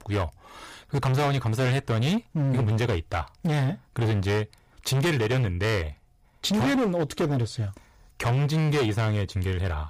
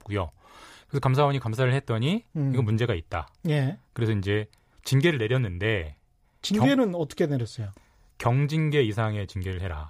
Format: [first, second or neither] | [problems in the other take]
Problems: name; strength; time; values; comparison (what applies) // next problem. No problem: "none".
second | distortion; heavy; 21% of the sound clipped